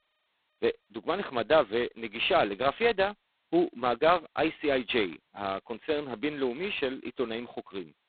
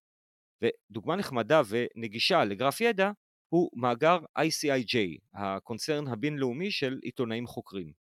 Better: second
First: phone-call audio; poor line; nothing above 4 kHz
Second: none

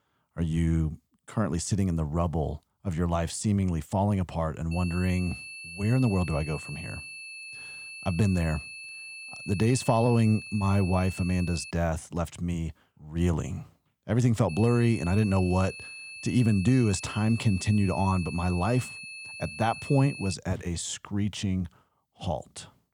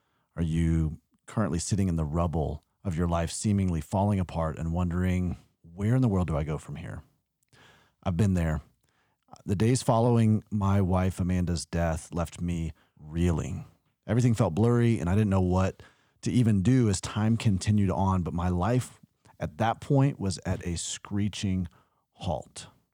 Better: second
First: high-pitched whine; noticeable; from 4.5 to 12 s and from 14 to 20 s; 2.5 kHz, 10 dB below the speech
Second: none

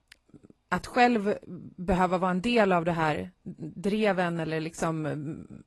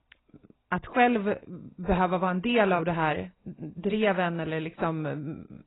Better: first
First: garbled, watery; slightly; nothing above 11.5 kHz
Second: garbled, watery; badly; nothing above 4 kHz

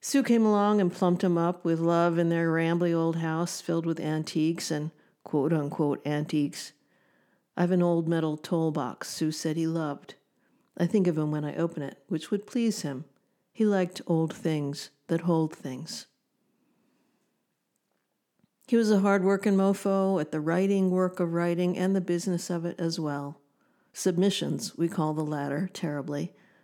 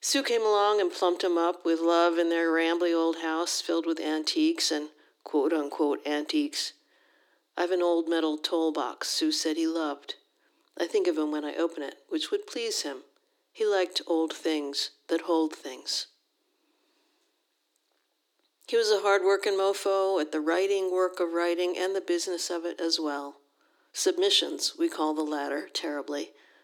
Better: first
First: none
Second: thin; very; fading below 300 Hz

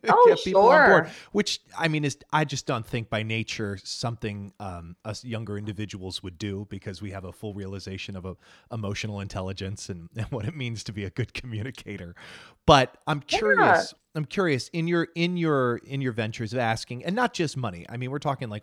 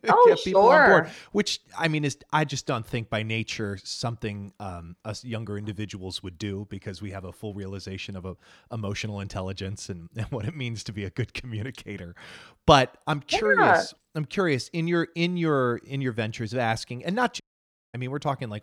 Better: first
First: none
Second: audio cutting out; at 17 s for 0.5 s

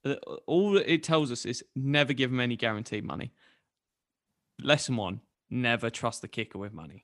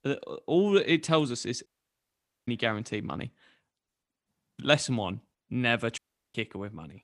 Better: first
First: none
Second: audio cutting out; at 1.5 s for 1 s and at 6 s

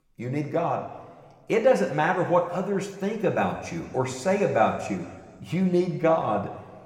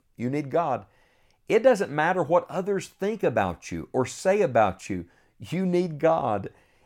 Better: second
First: room echo; slight; dies away in 1.6 s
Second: none

